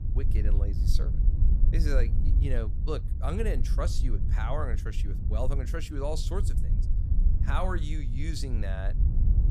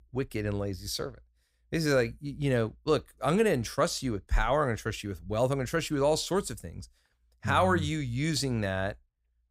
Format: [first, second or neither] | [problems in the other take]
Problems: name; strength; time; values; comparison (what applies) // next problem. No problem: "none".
second | wind noise on the microphone; heavy; 9 dB below the speech